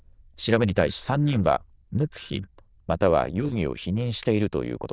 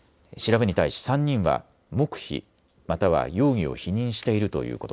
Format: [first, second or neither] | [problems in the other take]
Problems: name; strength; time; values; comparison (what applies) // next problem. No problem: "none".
second | noise reduction (neural diffusion model UNIVERSE++)